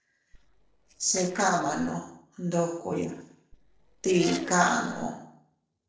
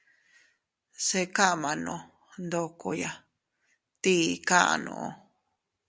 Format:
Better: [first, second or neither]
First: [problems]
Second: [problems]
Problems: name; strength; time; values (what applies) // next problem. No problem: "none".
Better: second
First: noise reduction (neural separator model SepFormer DNS4)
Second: none